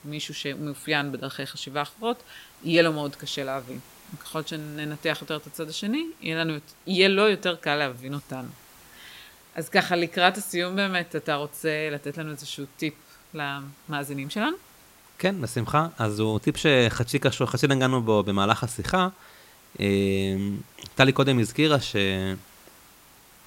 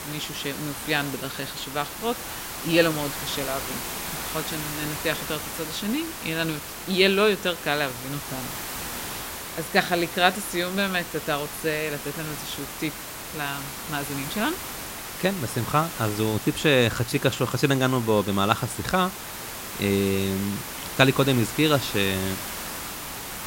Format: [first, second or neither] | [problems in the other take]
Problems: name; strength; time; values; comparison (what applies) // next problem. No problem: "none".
first | hiss; loud; throughout; 7 dB below the speech; faint in the first